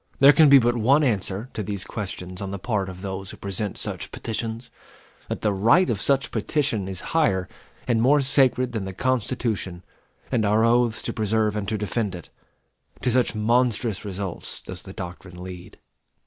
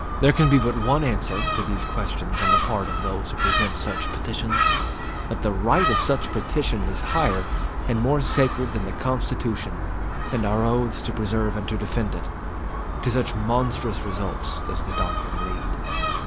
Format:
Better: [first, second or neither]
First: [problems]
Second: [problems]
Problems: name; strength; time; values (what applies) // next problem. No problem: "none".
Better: first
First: none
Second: background sound (Gull, seagull); 1 dB above the speech